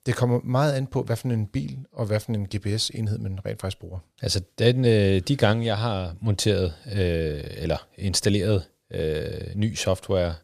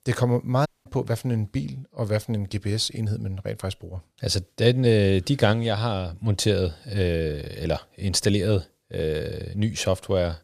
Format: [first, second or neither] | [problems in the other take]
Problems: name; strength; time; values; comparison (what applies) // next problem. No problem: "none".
first | audio cutting out; at 0.5 s